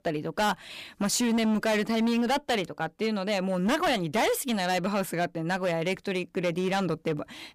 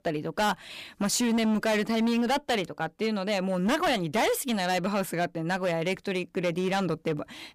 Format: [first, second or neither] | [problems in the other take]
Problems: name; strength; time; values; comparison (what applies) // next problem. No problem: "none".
neither | distortion; heavy; 14% of the sound clipped; the same in both